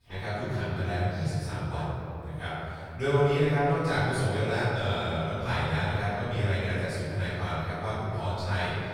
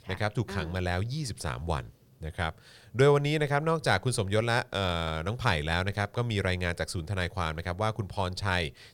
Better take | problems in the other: second | off-mic speech; far // room echo; strong; dies away in 2.7 s

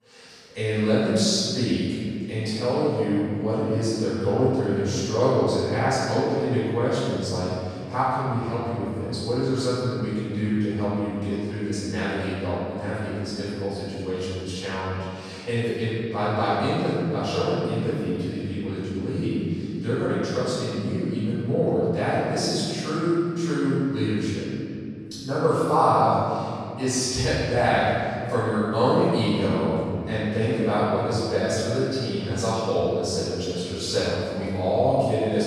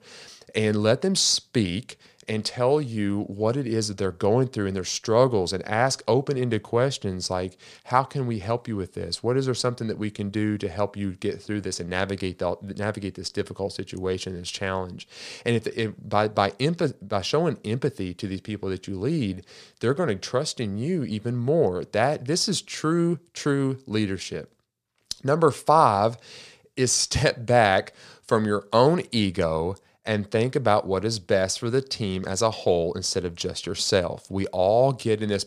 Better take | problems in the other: second | room echo; strong; dies away in 2.5 s // off-mic speech; far

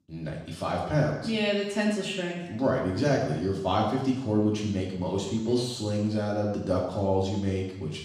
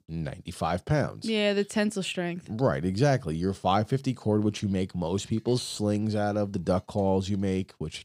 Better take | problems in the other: second | room echo; noticeable; dies away in 0.9 s // off-mic speech; far

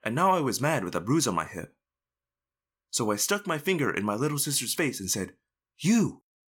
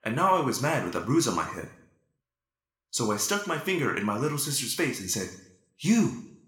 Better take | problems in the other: first | room echo; slight; dies away in 0.6 s

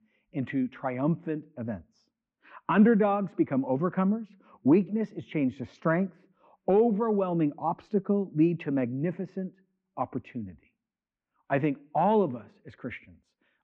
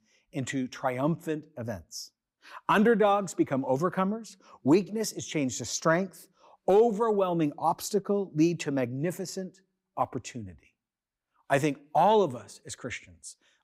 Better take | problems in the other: second | muffled; very; fading above 2.5 kHz

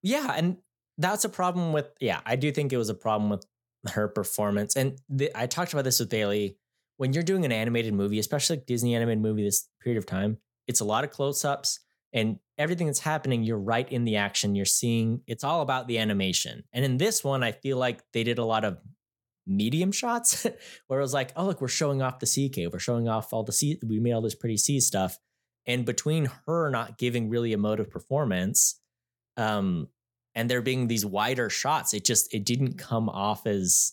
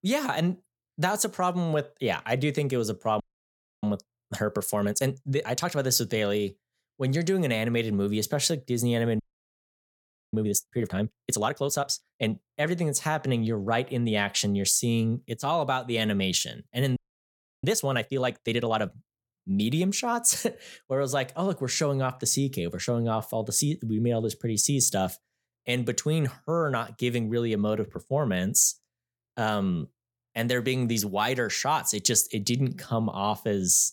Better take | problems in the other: first | audio freezing; at 3 s for 0.5 s, at 9 s for 1 s and at 17 s for 0.5 s

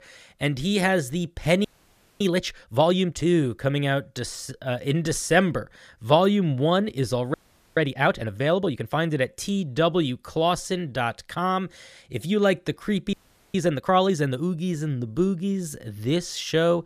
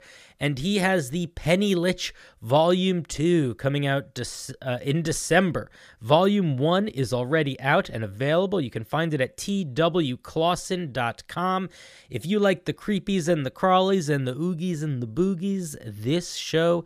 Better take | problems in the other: second | audio freezing; at 1.5 s for 0.5 s, at 7.5 s and at 13 s

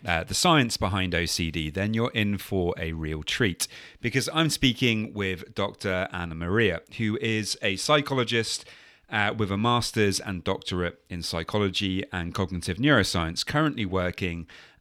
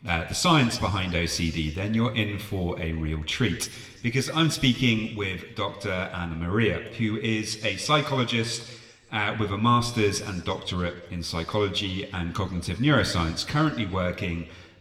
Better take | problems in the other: first | room echo; very slight; dies away in 1.2 s

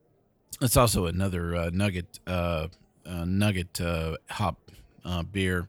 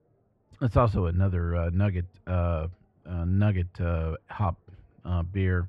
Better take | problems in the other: first | muffled; very; fading above 1.5 kHz

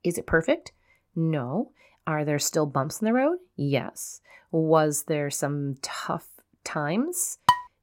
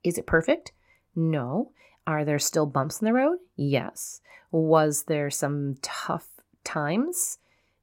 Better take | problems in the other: second | clattering dishes; loud; at 7.5 s; peak 3 dB above the speech

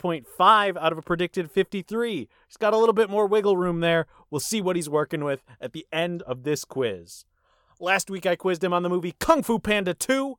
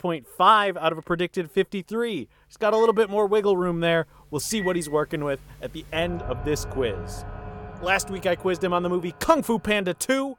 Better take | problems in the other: first | alarms or sirens; noticeable; throughout; 15 dB below the speech

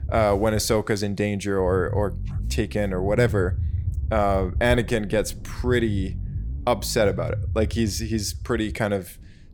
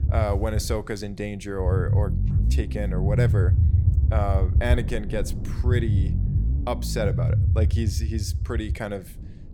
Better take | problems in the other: first | low rumble; loud; throughout; 7 dB below the speech; faint in the first

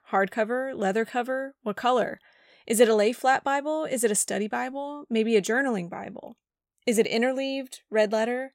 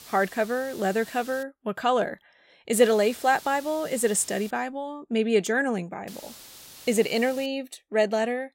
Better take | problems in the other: first | hiss; noticeable; until 1.5 s, from 2.5 to 4.5 s and from 6 to 7.5 s; 20 dB below the speech

